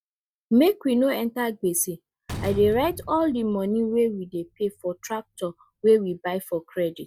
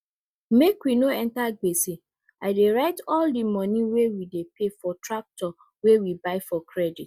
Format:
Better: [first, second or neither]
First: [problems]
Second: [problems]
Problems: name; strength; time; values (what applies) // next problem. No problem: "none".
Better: second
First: background sound (Slam); 15 dB below the speech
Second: none